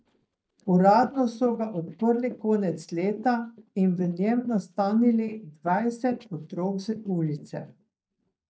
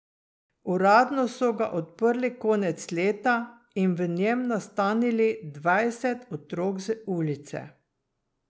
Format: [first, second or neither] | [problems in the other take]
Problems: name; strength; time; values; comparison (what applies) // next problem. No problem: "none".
second | noise reduction (neural mask model DeepFilterNet 3)